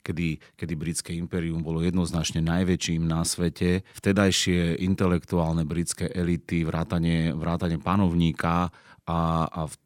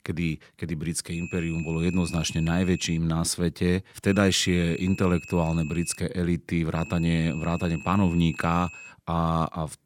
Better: first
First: none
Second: high-pitched whine; noticeable; from 1 to 3 s, from 4 to 6 s and from 7 to 9 s; 2.5 kHz, 15 dB below the speech

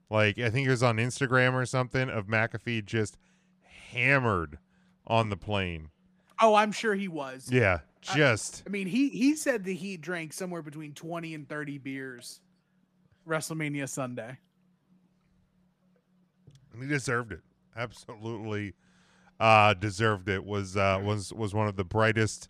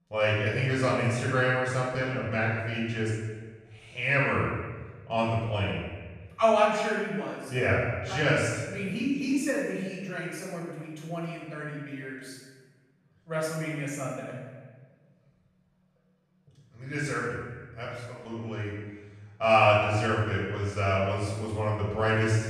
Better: first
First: none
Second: room echo; strong; dies away in 1.2 s // off-mic speech; far

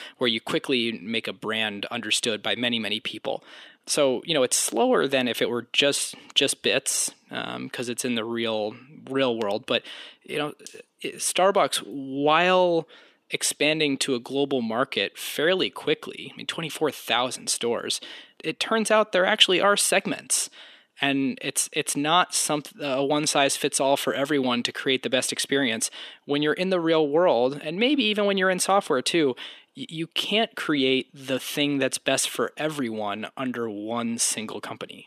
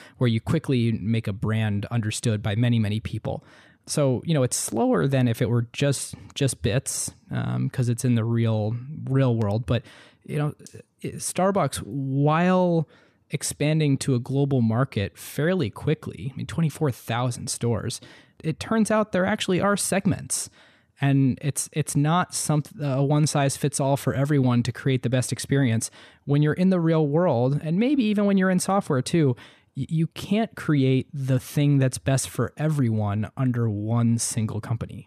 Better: second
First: thin; somewhat; fading below 300 Hz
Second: none

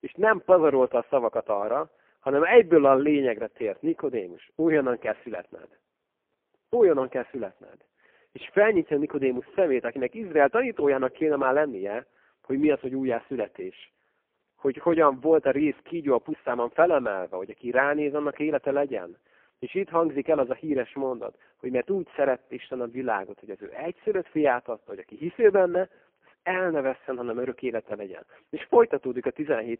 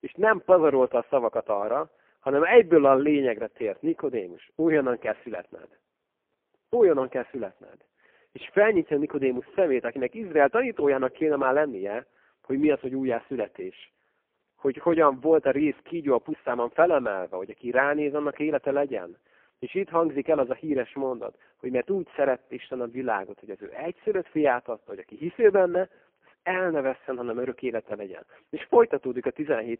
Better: neither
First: phone-call audio; poor line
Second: phone-call audio; poor line

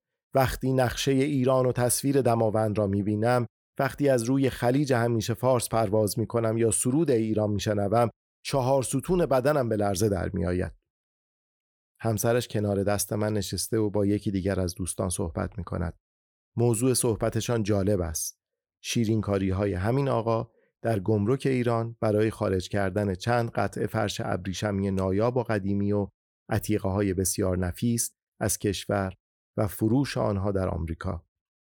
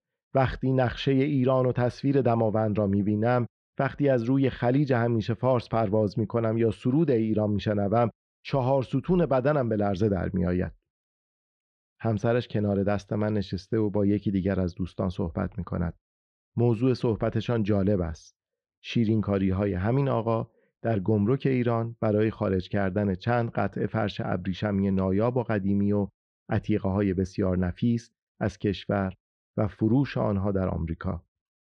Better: first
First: none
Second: muffled; slightly; fading above 3.5 kHz

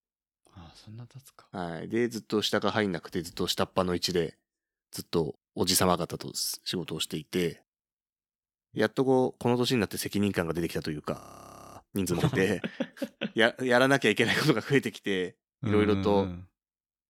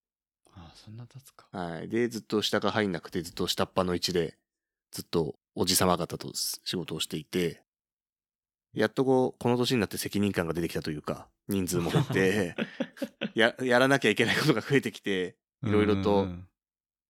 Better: second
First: audio freezing; at 11 s for 0.5 s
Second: none

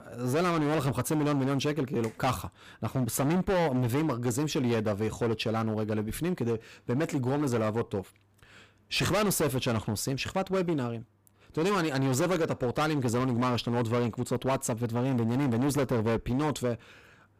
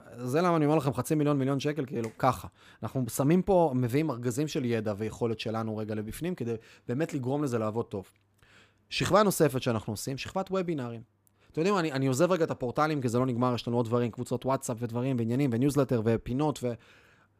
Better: second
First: distortion; heavy; 17% of the sound clipped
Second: none

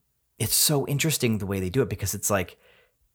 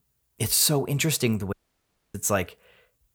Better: first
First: none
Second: audio cutting out; at 1.5 s for 0.5 s

